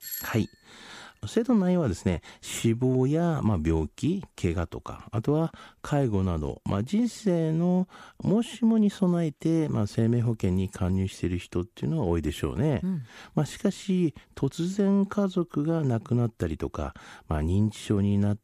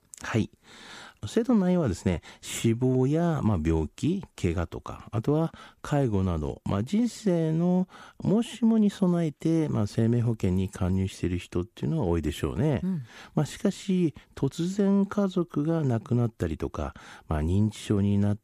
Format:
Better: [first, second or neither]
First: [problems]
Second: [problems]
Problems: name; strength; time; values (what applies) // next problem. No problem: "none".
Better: second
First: doorbell; noticeable; at the start; peak 8 dB below the speech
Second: none